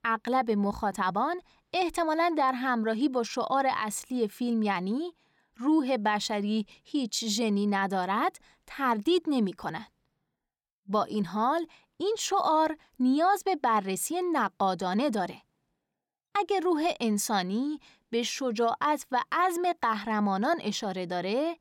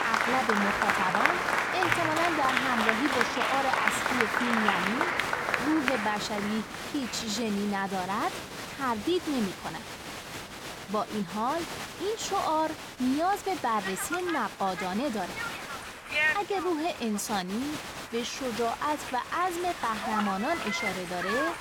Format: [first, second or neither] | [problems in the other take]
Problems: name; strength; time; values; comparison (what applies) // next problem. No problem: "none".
first | crowd noise; very loud; throughout; as loud as the speech